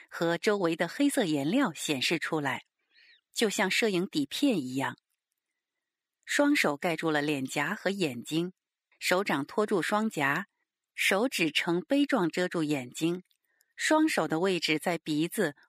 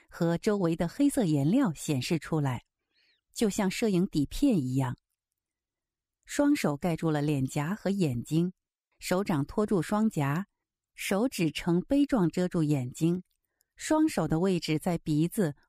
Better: second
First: thin; very slightly; fading below 300 Hz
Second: none

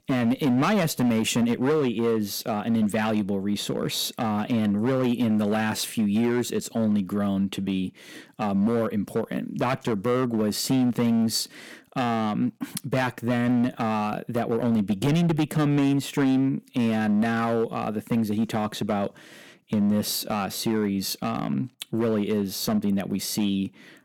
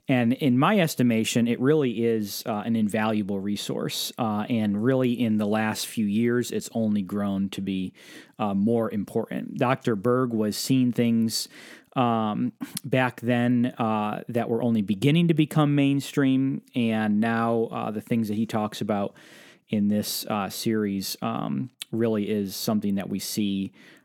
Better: second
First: distortion; slight; 10% of the sound clipped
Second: none

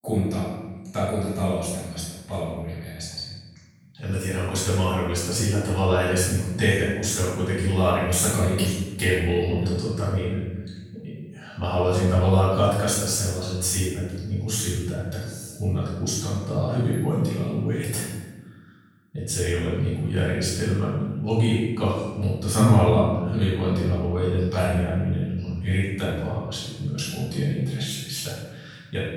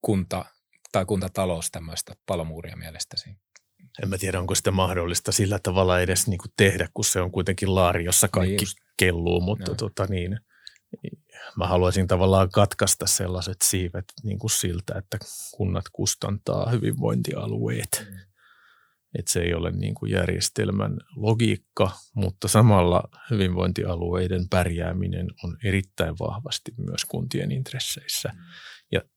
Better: second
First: room echo; strong; dies away in 1.1 s // off-mic speech; far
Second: none

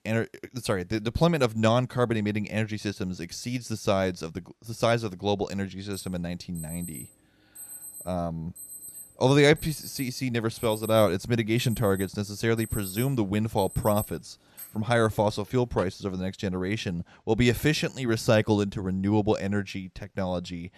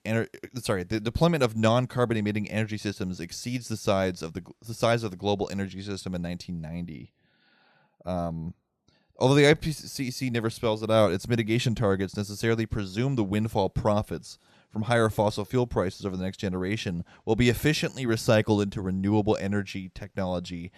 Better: second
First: alarm; noticeable; from 6 to 16 s; peak 9 dB below the speech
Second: none

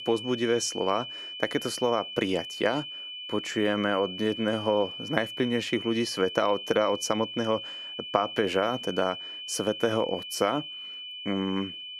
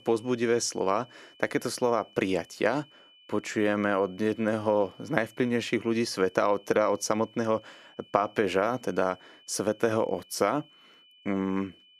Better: second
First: high-pitched whine; loud; throughout; 3 kHz, 8 dB below the speech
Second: high-pitched whine; faint; throughout; 3 kHz, 25 dB below the speech

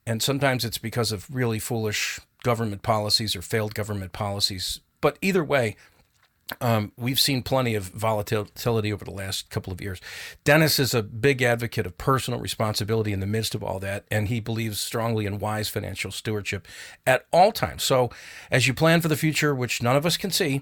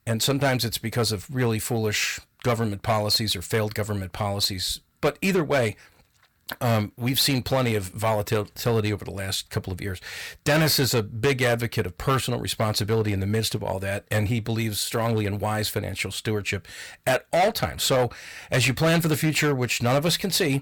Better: first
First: none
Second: distortion; slight; 5% of the sound clipped

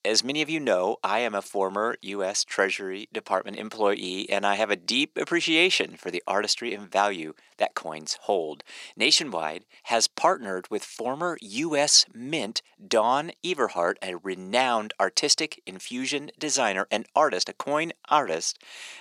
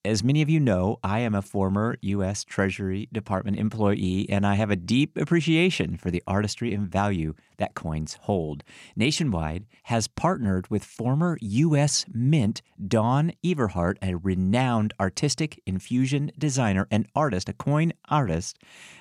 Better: second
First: thin; very; fading below 400 Hz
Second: none

